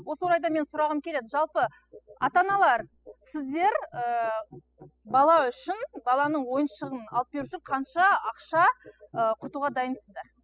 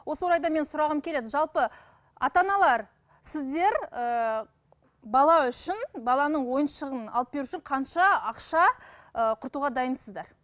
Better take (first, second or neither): second